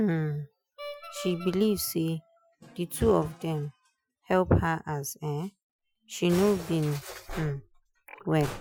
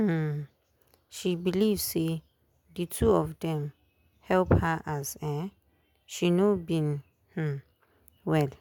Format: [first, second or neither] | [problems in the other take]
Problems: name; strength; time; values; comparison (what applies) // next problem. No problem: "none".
second | noise reduction (classical method Wiener filter)